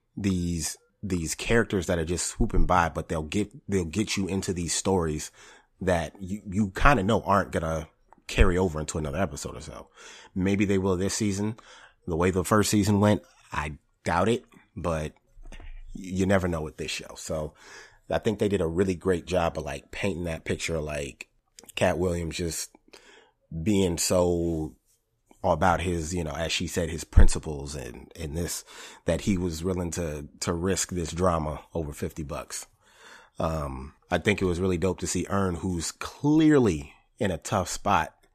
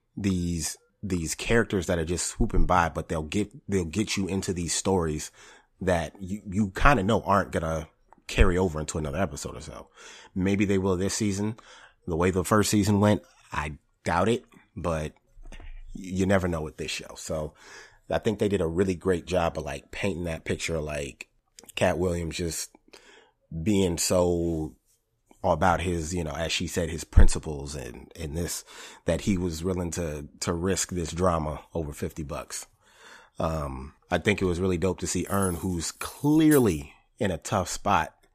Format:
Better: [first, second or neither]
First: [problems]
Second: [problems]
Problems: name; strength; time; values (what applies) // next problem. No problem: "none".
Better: first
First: none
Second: jangling keys; noticeable; from 35 to 37 s; peak 7 dB below the speech